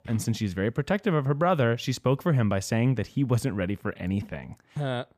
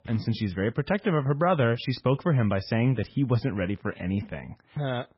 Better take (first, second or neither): first